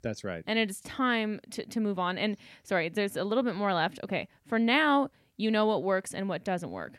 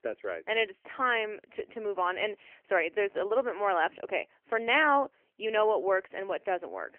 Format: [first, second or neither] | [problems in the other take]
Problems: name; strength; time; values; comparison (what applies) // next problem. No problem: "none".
first | phone-call audio; nothing above 3 kHz